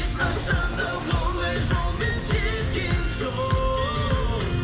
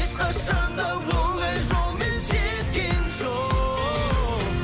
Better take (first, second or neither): second